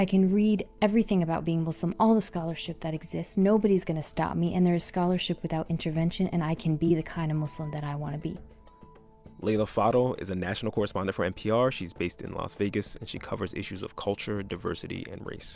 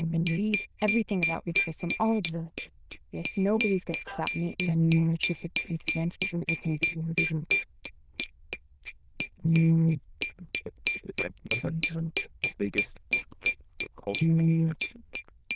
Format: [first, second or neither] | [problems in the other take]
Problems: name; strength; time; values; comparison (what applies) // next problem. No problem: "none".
first | noise reduction (neural diffusion model UNIVERSE++)